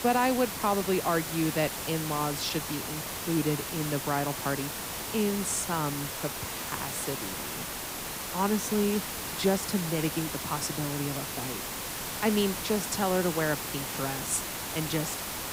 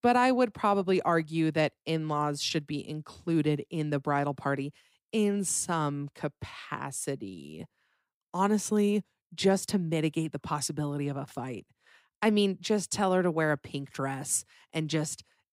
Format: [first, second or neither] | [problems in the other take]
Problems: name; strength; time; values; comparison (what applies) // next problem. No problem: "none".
second | hiss; loud; throughout; 3 dB below the speech